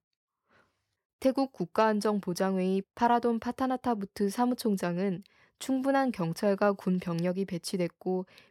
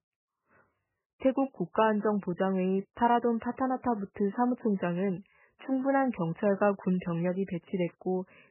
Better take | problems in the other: first | garbled, watery; badly; nothing above 3 kHz

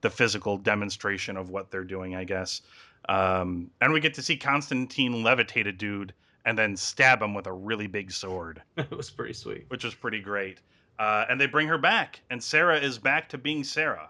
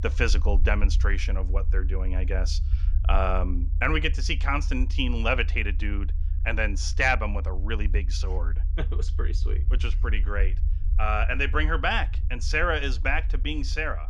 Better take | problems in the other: first | low rumble; faint; throughout; 20 dB below the speech

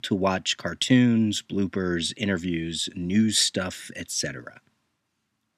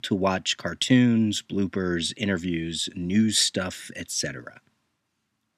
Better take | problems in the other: neither | none

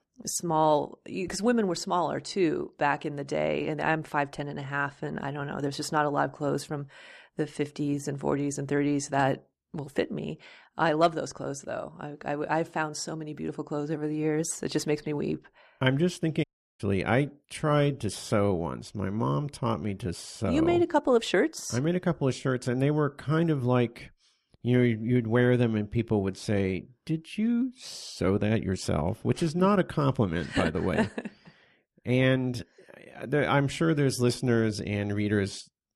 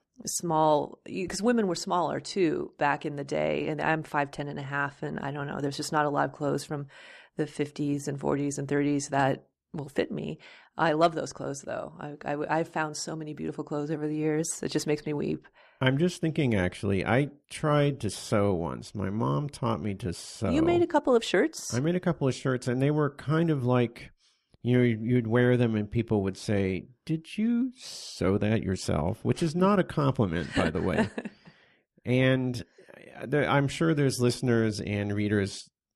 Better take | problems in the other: second | audio cutting out; at 16 s

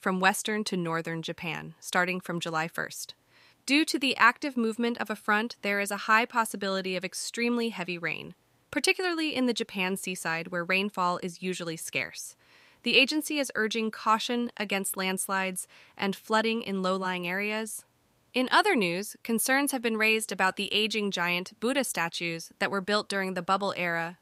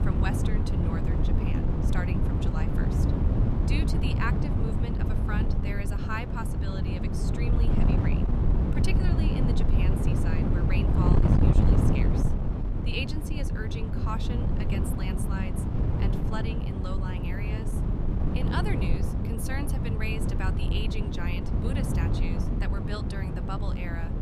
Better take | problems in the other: first | wind noise on the microphone; heavy; 1 dB above the speech

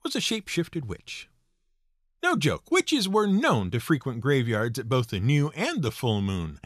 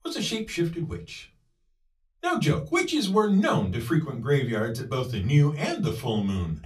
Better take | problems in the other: first | off-mic speech; far // room echo; very slight; dies away in 0.2 s

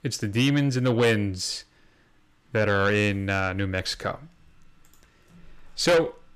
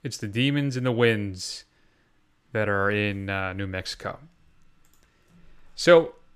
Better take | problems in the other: second | distortion; heavy; 6 dB below the speech

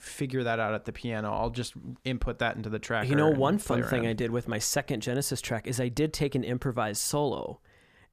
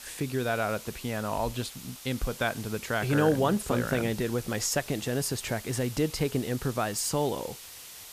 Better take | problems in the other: first | hiss; noticeable; throughout; 15 dB below the speech

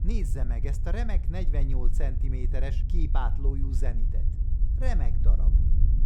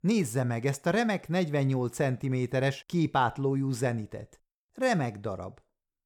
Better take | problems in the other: second | low rumble; loud; throughout; 8 dB below the speech

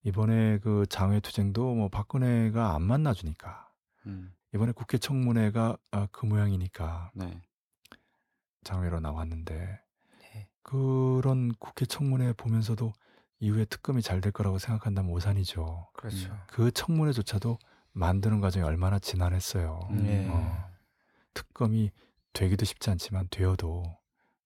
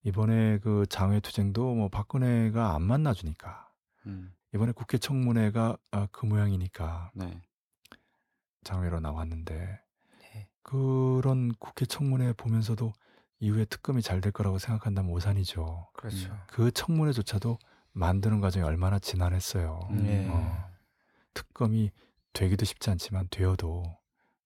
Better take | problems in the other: neither | none

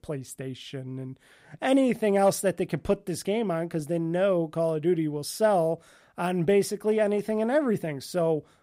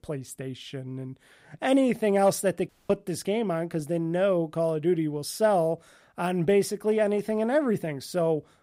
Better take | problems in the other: first | audio cutting out; at 2.5 s

